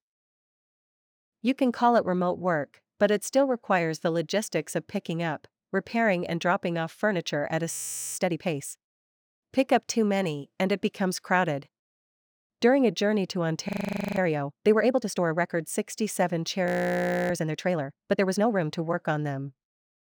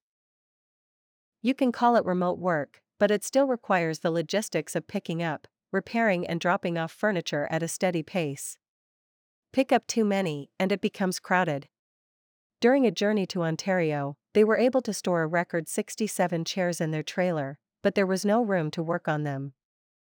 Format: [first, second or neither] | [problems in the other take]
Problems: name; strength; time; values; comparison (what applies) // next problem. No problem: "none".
second | audio freezing; at 7.5 s, at 14 s and at 17 s for 0.5 s